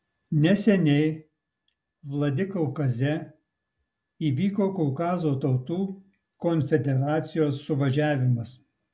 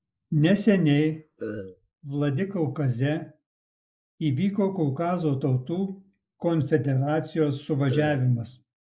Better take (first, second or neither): first